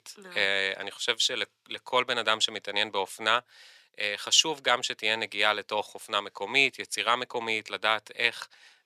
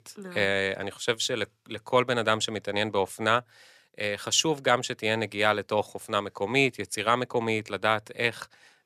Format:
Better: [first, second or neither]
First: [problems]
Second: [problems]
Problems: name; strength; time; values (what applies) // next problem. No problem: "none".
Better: second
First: thin; somewhat; fading below 1 kHz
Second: none